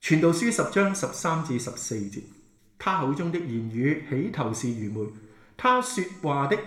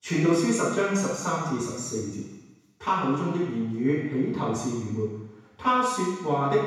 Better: first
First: room echo; slight; dies away in 0.7 s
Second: room echo; strong; dies away in 1.1 s // off-mic speech; far

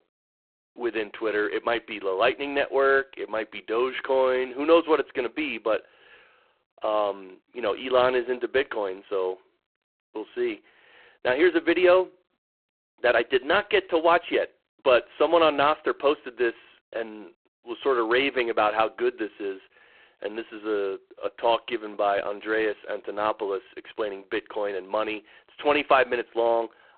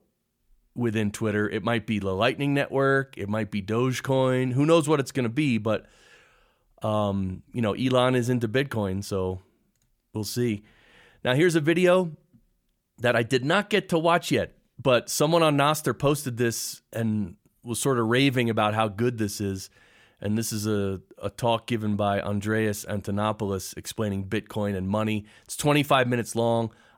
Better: second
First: phone-call audio; poor line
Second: none

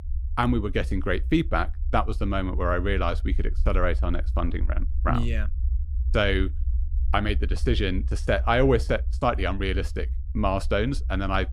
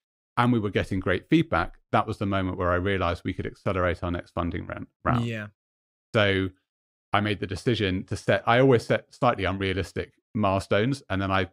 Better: second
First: low rumble; faint; throughout; 25 dB below the speech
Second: none

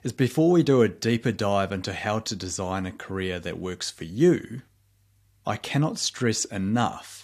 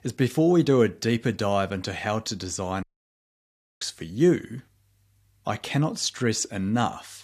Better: first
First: none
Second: audio cutting out; at 3 s for 1 s

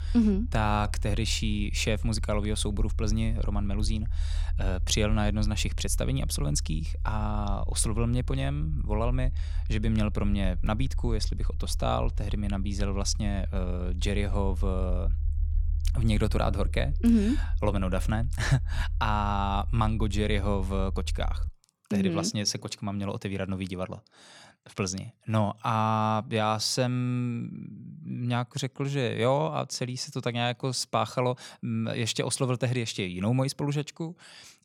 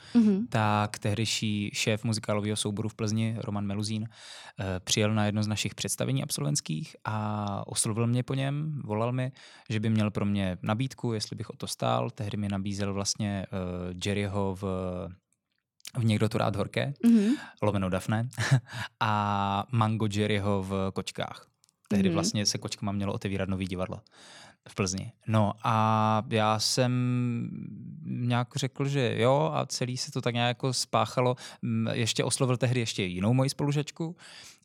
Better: second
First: low rumble; faint; until 21 s; 20 dB below the speech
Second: none

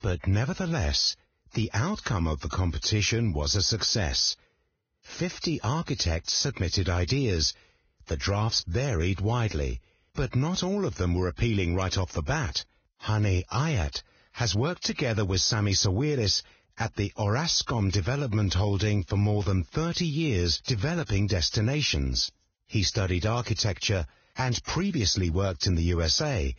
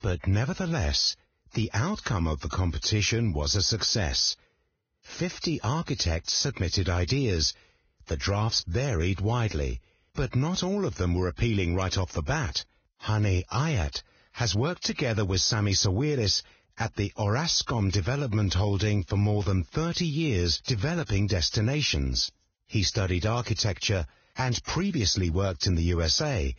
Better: neither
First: garbled, watery; badly; nothing above 6.5 kHz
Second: garbled, watery; badly; nothing above 6.5 kHz

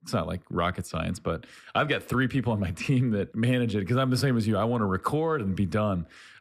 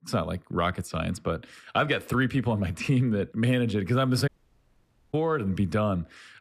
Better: first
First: none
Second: audio cutting out; at 4.5 s for 1 s

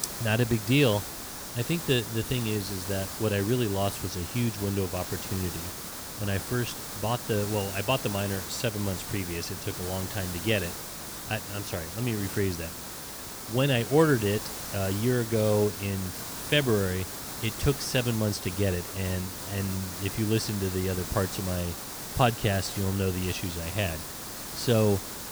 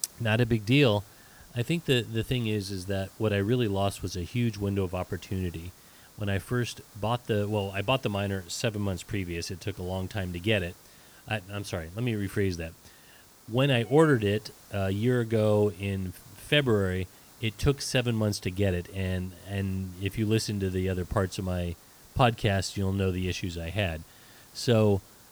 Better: second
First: hiss; loud; throughout; 6 dB below the speech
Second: hiss; faint; throughout; 25 dB below the speech

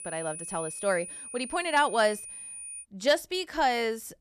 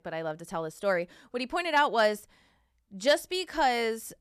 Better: second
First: high-pitched whine; noticeable; until 3 s; 9.5 kHz, 10 dB below the speech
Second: none

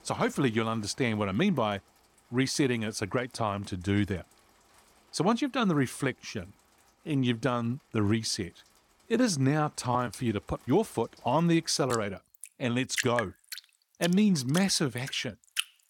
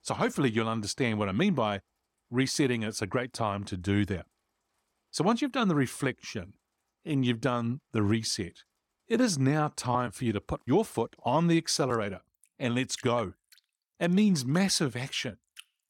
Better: second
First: rain or running water; loud; throughout; 10 dB below the speech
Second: rain or running water; faint; throughout; 30 dB below the speech

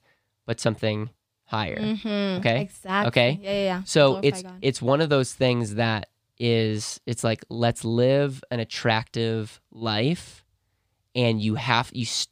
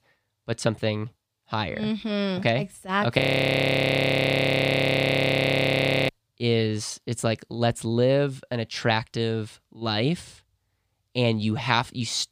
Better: first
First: none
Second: audio freezing; at 3 s for 3 s

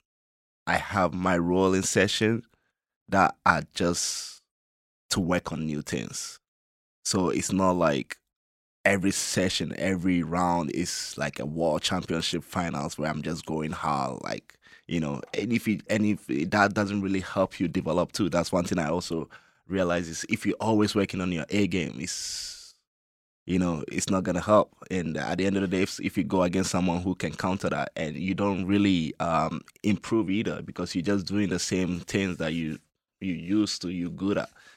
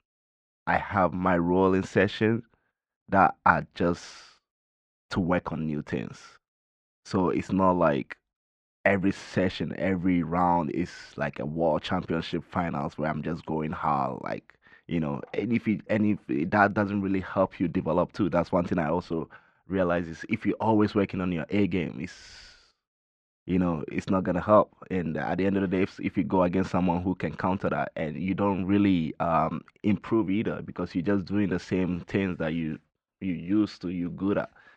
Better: first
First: none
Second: muffled; very; fading above 2 kHz

